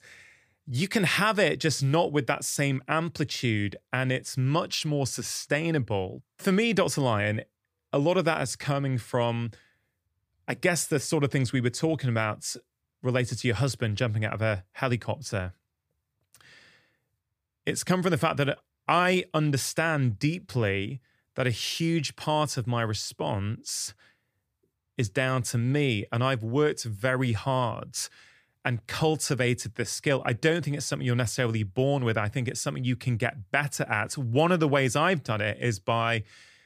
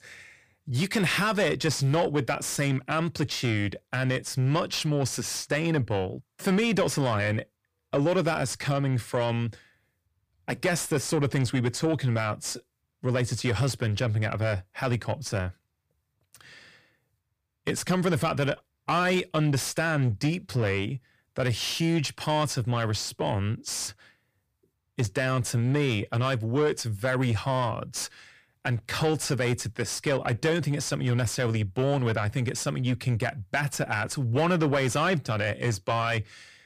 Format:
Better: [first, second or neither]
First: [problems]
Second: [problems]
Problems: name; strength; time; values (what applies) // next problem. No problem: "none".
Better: first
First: none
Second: distortion; slight; 10 dB below the speech